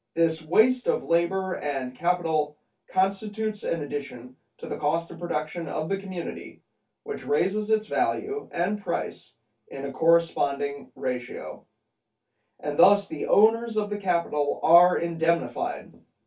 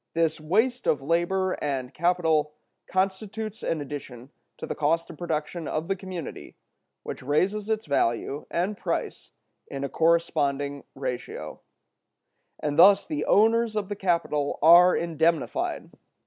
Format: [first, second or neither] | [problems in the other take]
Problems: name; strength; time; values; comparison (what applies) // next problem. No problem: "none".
second | room echo; dies away in 0.1 s